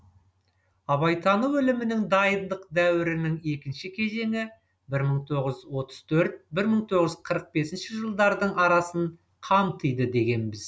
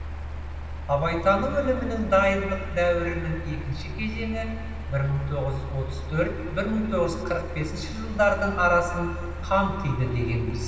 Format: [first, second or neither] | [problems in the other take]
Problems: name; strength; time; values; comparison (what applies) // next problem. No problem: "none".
first | background sound (Mechanical fan); 7 dB below the speech // room echo; dies away in 2.3 s